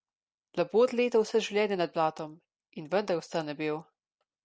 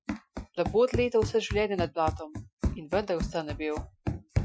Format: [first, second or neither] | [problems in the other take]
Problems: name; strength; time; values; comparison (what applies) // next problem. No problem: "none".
first | noise reduction (classical method Wiener filter)